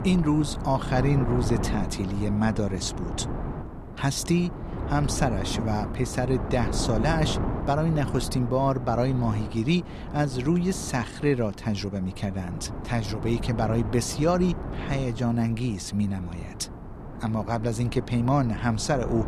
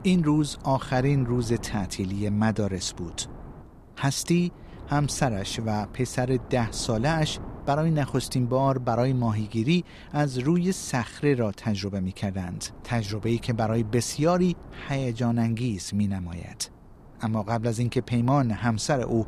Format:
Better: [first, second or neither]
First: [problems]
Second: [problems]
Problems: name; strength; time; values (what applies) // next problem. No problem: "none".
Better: second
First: wind noise on the microphone; heavy; 9 dB below the speech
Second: wind noise on the microphone; occasional gusts; 20 dB below the speech